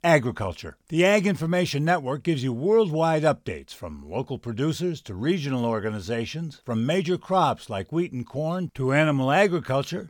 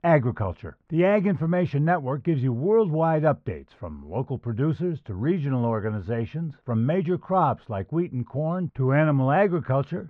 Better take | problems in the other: first | muffled; very; fading above 1.5 kHz

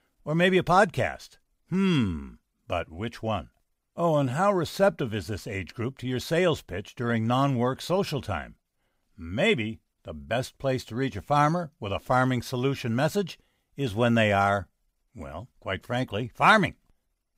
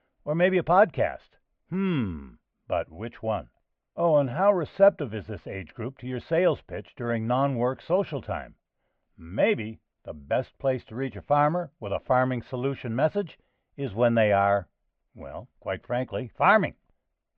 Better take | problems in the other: first | muffled; very; fading above 3 kHz

